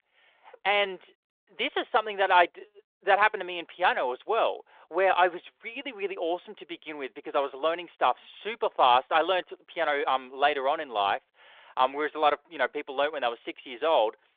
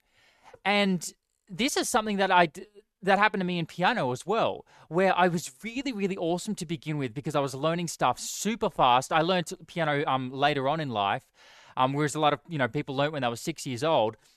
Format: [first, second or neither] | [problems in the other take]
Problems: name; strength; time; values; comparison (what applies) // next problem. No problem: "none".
second | phone-call audio; nothing above 3.5 kHz